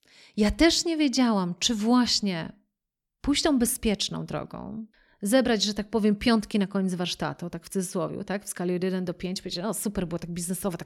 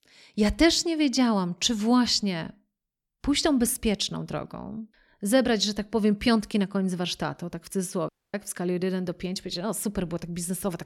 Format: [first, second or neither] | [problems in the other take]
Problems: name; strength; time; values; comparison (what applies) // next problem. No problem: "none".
first | audio cutting out; at 8 s